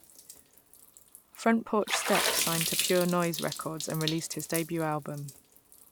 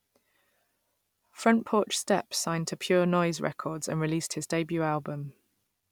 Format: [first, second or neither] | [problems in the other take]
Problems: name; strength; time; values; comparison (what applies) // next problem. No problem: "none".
second | background sound (Water / Splash, splatter); 4 dB below the speech